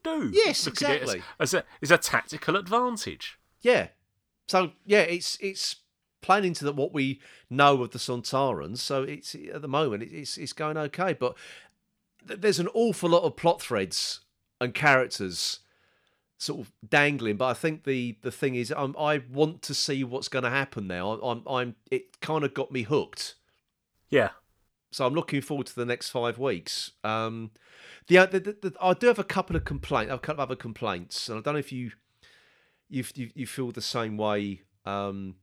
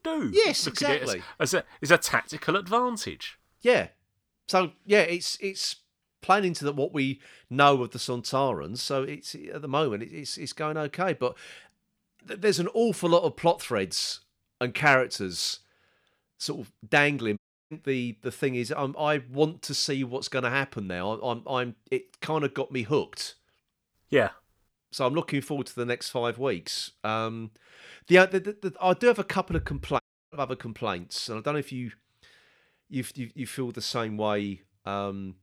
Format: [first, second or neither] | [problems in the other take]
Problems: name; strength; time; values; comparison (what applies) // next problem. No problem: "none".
first | audio cutting out; at 17 s and at 30 s